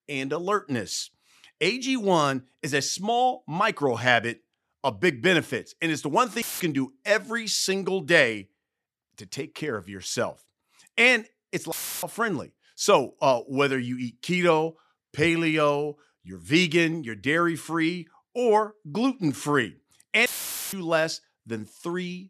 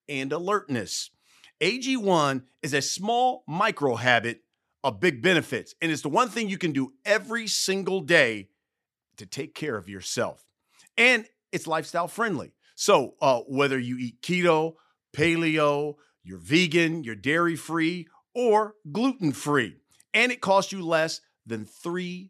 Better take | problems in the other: second | audio cutting out; filled with static; at 6.5 s, at 12 s and at 20 s

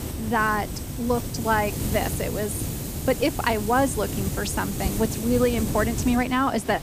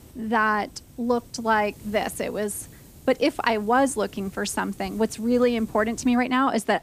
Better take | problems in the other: second | hiss; loud; throughout; 5 dB below the speech; faint in the second

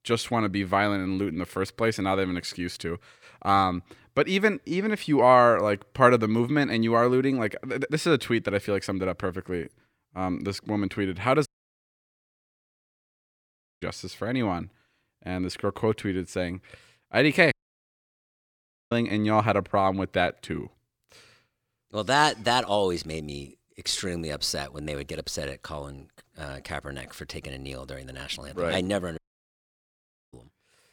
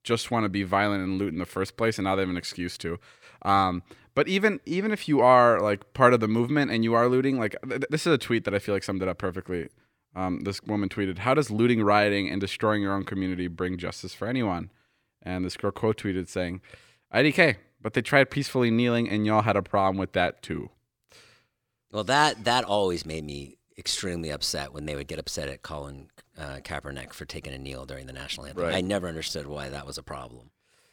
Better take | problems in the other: second | audio cutting out; at 11 s for 2.5 s, at 18 s for 1.5 s and at 29 s for 1 s

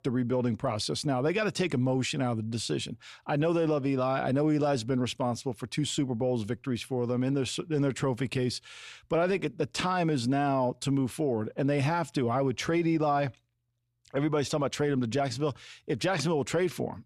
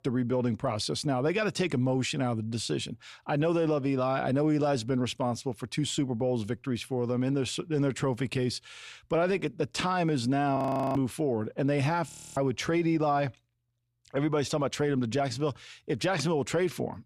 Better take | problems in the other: first | audio freezing; at 11 s and at 12 s

